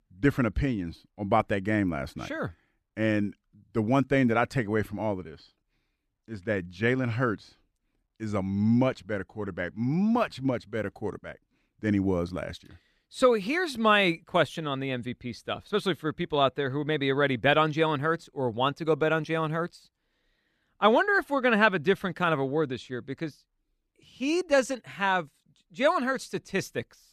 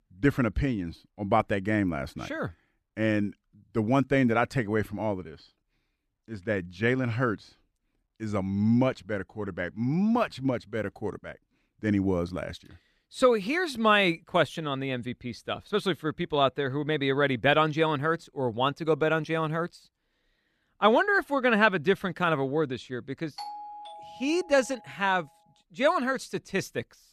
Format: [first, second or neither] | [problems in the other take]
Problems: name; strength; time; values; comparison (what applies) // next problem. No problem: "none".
first | doorbell; faint; from 23 to 25 s; peak 10 dB below the speech